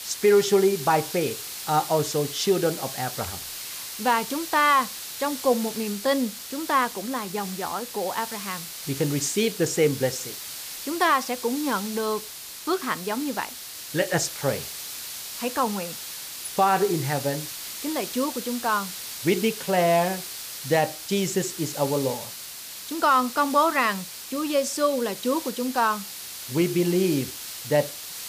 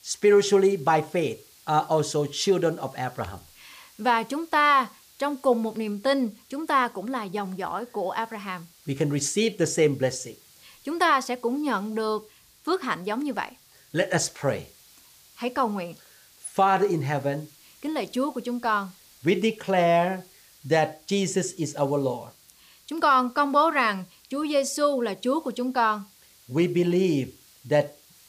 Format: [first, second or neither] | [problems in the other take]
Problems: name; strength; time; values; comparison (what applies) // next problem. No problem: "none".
second | hiss; loud; throughout; 9 dB below the speech; faint in the second